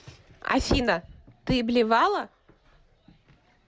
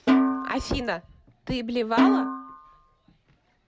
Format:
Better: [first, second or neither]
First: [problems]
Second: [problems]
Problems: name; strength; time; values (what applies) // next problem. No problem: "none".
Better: first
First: none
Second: background sound (Snare drum); 5 dB above the speech